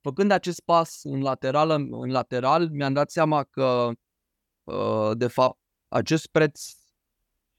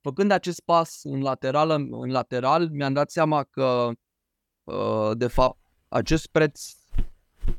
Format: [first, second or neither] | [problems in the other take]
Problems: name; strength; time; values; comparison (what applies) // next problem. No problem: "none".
first | footsteps; faint; from 5.5 s on; peak 10 dB below the speech